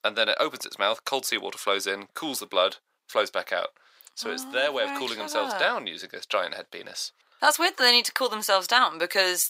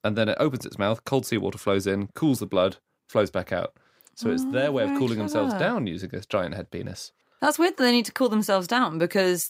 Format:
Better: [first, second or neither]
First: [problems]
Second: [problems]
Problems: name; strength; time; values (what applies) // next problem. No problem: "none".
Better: second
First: thin; very; fading below 750 Hz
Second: none